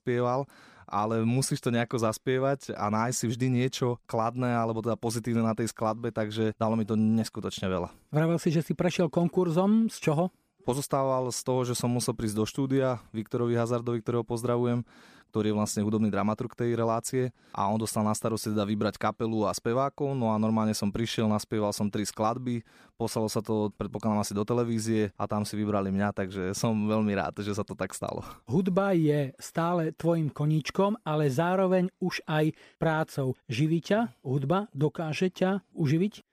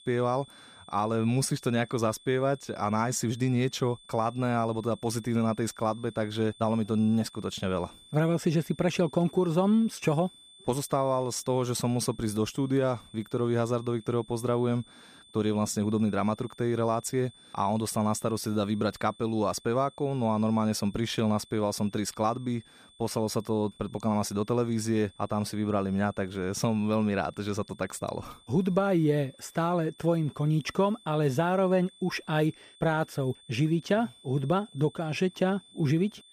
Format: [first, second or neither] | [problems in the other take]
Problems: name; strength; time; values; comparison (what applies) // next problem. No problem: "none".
first | high-pitched whine; faint; throughout; 3.5 kHz, 25 dB below the speech